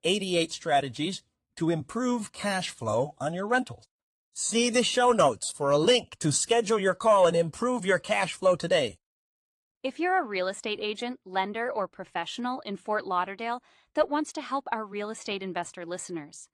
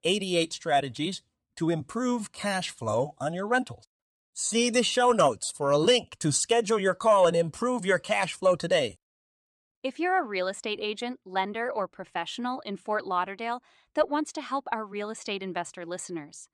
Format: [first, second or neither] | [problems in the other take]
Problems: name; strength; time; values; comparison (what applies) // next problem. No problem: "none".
second | garbled, watery; slightly